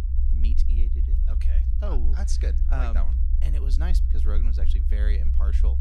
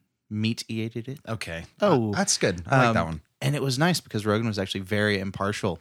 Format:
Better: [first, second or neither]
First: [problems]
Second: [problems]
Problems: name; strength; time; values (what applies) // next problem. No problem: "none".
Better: second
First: low rumble; loud; throughout; 4 dB below the speech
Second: none